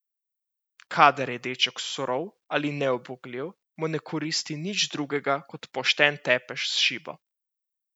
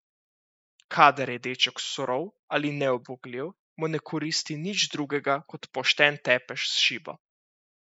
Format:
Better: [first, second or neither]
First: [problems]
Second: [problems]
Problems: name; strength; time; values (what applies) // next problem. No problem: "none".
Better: first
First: none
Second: noise reduction (neural mask model Resemble Enhance denoiser)